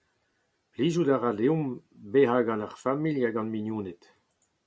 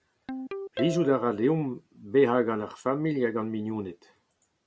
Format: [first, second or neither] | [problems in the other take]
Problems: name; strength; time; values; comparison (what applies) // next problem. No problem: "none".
first | background sound (Ringtone); 14 dB below the speech